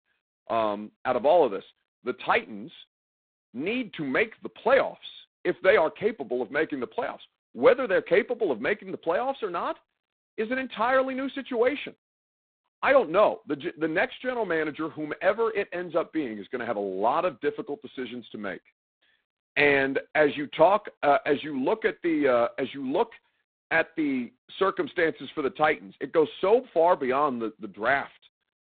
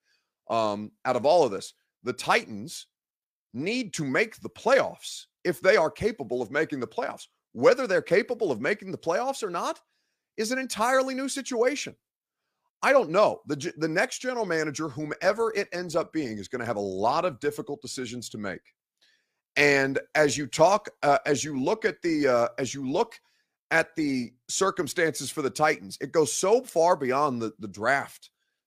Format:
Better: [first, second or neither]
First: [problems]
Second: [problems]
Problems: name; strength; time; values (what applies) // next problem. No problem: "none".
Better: second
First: phone-call audio; poor line; nothing above 4 kHz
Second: none